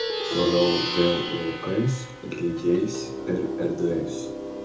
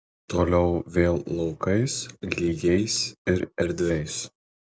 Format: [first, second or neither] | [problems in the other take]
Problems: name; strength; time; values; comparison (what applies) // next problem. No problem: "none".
second | background sound (Plucked string instrument); 4 dB below the speech // room echo; dies away in 0.6 s